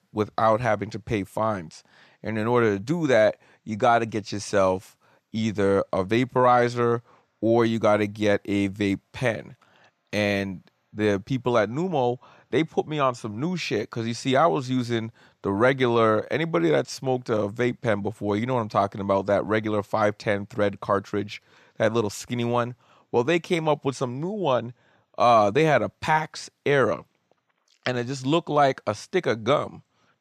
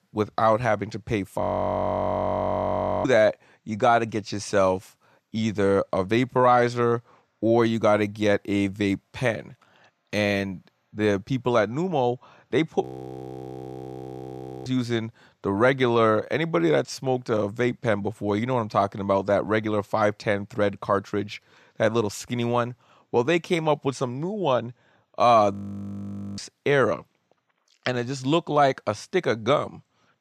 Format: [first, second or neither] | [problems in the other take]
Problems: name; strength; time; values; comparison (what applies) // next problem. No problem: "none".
first | audio freezing; at 1.5 s for 1.5 s, at 13 s for 2 s and at 26 s for 1 s